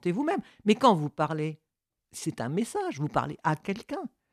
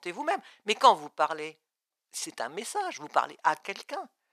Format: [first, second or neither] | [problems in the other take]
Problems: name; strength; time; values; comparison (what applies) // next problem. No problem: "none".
first | thin; very; fading below 750 Hz